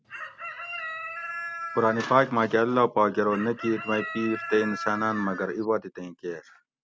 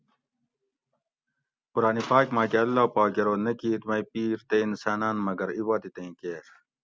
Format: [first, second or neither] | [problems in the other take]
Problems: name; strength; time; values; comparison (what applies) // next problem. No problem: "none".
second | background sound (Chicken, rooster); 9 dB below the speech